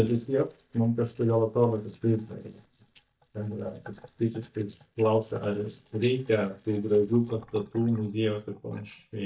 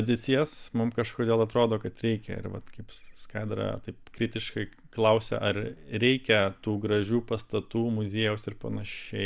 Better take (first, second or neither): second